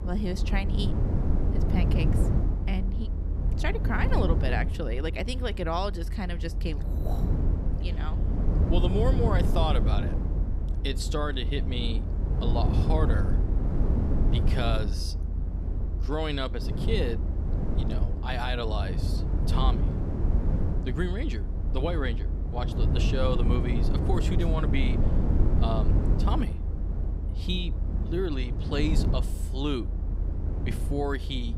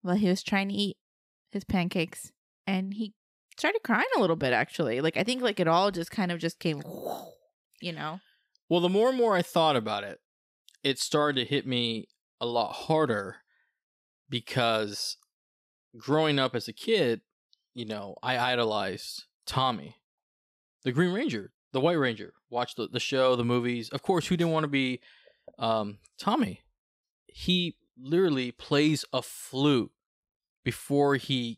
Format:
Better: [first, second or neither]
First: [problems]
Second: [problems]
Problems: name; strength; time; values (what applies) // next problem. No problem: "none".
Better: second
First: low rumble; loud; throughout; 6 dB below the speech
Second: none